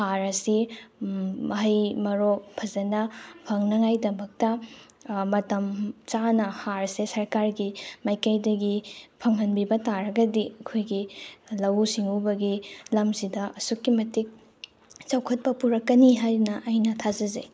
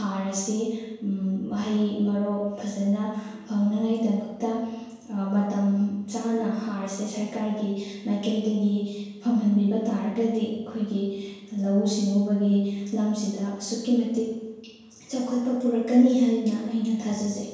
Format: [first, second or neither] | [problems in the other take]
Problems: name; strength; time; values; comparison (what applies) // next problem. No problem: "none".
first | room echo; dies away in 1 s